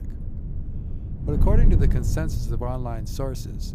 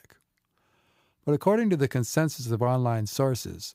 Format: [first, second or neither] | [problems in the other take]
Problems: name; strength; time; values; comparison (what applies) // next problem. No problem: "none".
second | wind noise on the microphone; heavy; 7 dB below the speech